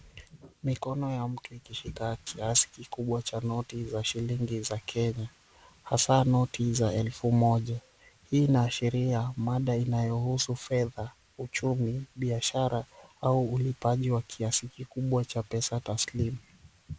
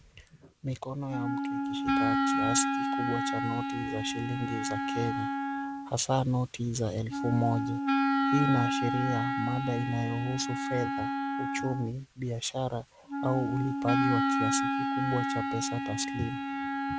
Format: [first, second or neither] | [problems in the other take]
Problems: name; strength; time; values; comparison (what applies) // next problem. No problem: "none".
first | background sound (Wind instrument, woodwind instrument); 2 dB above the speech